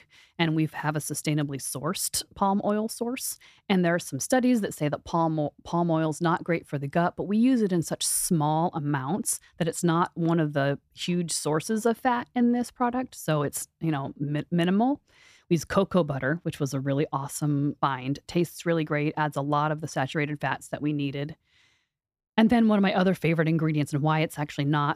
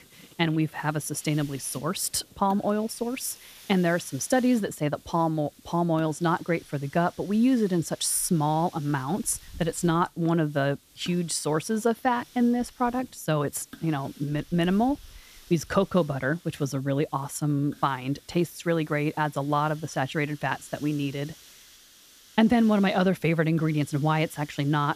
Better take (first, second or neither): first